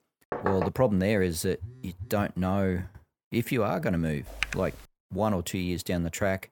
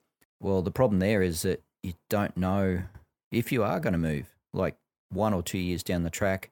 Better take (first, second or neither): second